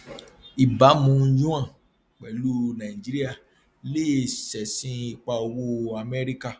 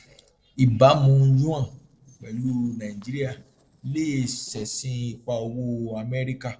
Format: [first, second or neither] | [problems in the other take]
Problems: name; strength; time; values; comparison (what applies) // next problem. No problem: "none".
first | noise reduction (neural separator model SepFormer DNS4)